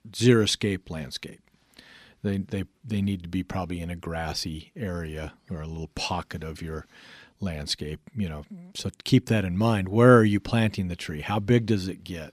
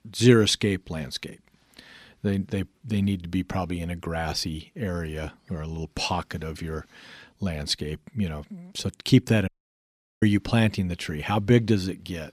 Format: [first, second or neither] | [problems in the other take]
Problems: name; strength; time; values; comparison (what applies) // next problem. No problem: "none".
first | audio cutting out; at 9.5 s for 0.5 s